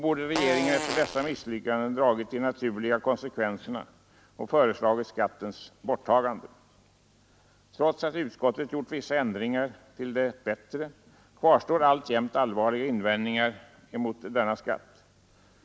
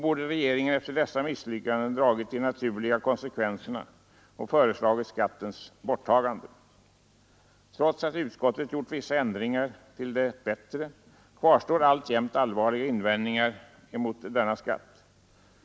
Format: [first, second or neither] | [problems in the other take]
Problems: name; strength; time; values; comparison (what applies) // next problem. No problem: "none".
second | background sound (Fart); 5 dB below the speech